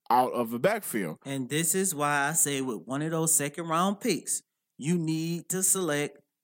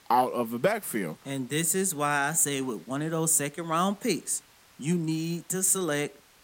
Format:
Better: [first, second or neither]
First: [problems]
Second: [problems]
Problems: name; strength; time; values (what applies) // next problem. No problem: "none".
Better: first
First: none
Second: hiss; faint; throughout; 30 dB below the speech